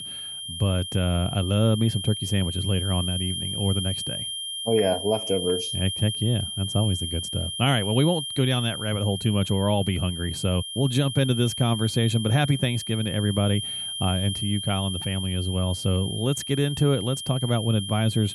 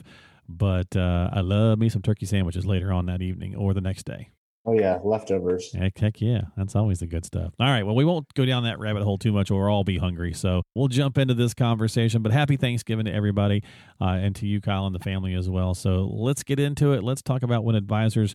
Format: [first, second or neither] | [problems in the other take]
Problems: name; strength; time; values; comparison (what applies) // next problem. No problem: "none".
second | high-pitched whine; loud; throughout; 3 kHz, 5 dB below the speech